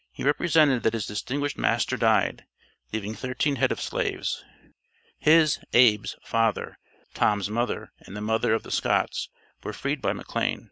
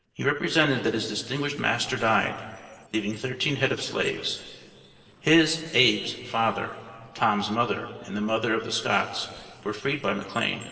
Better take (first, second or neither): first